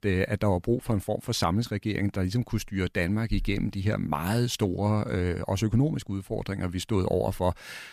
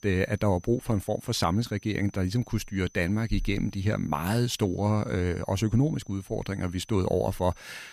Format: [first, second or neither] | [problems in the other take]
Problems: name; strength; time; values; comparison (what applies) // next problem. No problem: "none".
first | high-pitched whine; faint; throughout; 6 kHz, 25 dB below the speech